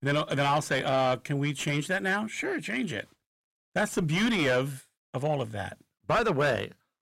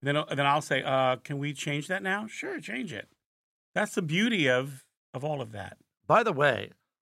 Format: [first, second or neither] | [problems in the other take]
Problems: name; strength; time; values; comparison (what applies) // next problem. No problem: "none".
second | distortion; heavy; 7 dB below the speech